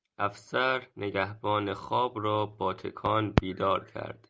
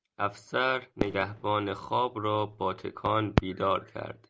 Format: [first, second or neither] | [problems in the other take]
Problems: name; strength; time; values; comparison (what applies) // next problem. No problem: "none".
first | background sound (Fireworks); 12 dB below the speech